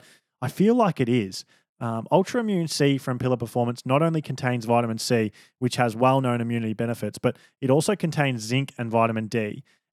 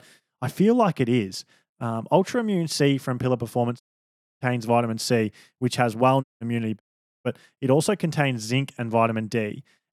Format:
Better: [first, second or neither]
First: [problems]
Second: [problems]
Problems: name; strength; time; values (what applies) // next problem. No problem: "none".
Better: first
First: none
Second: audio cutting out; at 4 s for 0.5 s, at 6 s and at 7 s